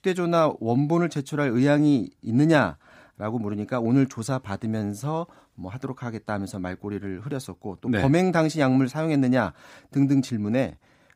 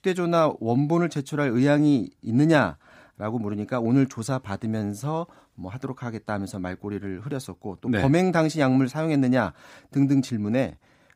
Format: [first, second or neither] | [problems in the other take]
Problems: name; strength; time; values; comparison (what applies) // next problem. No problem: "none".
neither | none